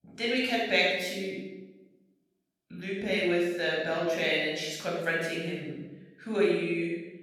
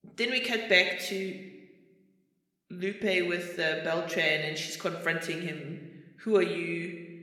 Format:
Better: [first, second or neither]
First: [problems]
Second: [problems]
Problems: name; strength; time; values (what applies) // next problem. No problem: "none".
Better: second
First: room echo; strong; dies away in 0.9 s // off-mic speech; far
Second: room echo; slight; dies away in 1 s